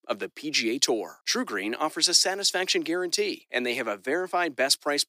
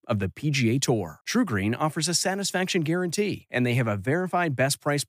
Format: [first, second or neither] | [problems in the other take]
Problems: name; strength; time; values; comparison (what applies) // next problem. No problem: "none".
second | thin; somewhat; fading below 300 Hz